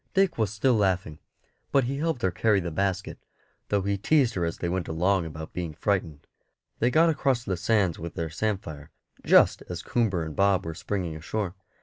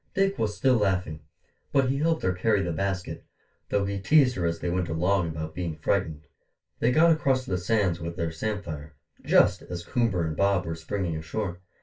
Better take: first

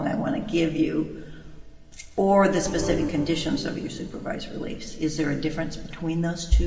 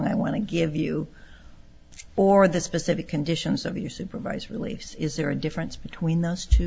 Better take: second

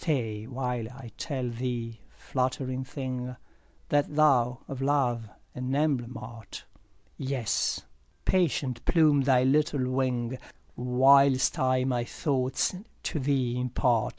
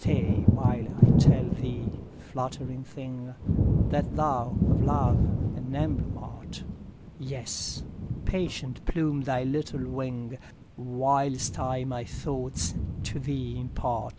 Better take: first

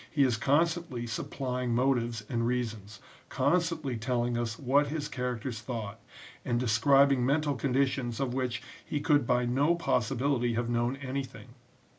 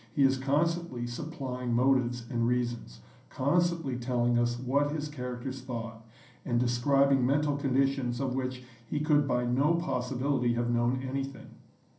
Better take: first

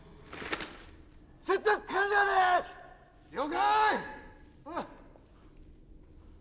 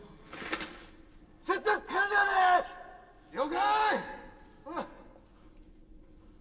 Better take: first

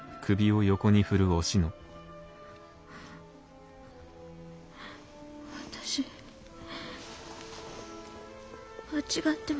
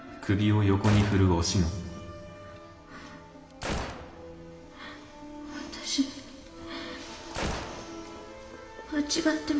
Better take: first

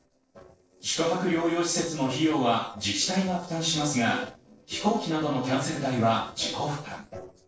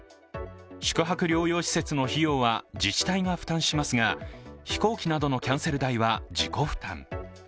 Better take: second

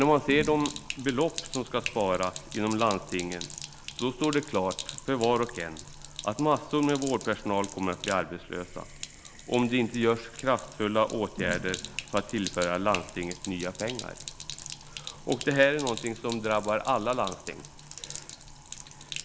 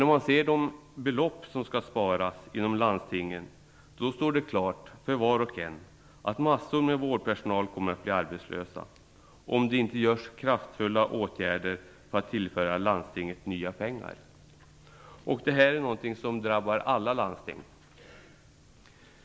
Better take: second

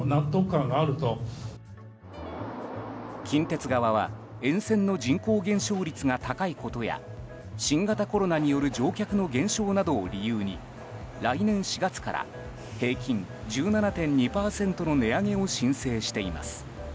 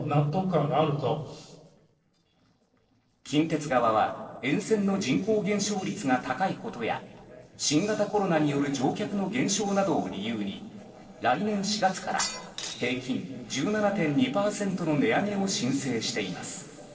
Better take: first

